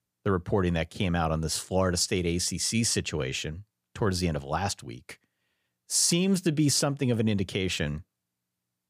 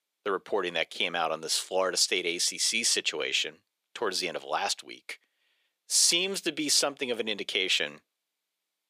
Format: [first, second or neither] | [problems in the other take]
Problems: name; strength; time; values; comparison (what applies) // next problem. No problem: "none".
first | thin; very; fading below 400 Hz